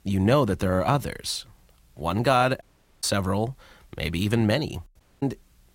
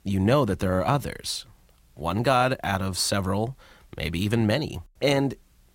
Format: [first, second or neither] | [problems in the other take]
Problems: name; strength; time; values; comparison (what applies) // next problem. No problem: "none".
second | audio cutting out; at 2.5 s and at 5 s